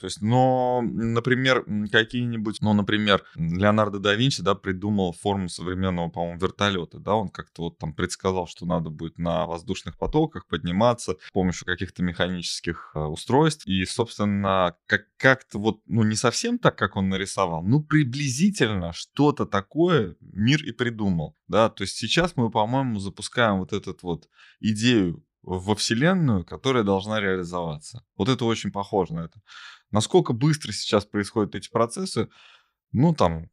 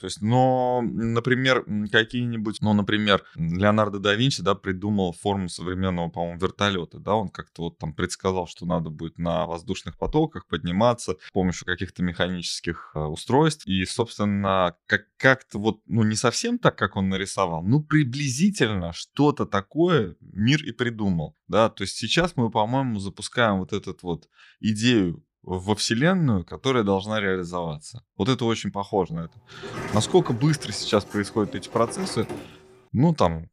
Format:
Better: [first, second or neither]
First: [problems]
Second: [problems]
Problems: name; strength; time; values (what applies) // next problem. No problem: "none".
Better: first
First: none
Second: door banging; noticeable; from 30 to 33 s; peak 8 dB below the speech